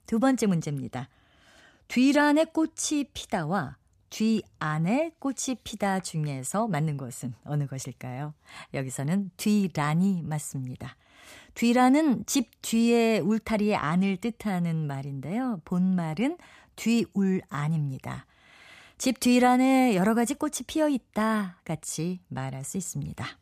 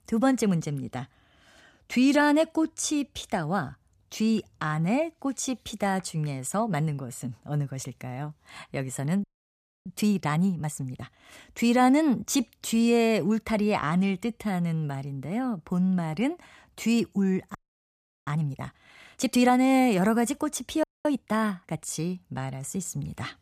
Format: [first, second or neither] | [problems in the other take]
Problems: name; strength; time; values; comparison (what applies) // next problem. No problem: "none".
first | audio freezing; at 9 s for 0.5 s, at 18 s for 0.5 s and at 21 s